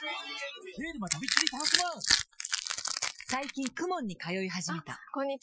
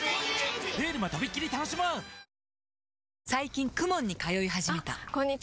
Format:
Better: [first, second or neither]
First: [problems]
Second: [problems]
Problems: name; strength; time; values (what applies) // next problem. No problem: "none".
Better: second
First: noise reduction (classical method Wiener filter)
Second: none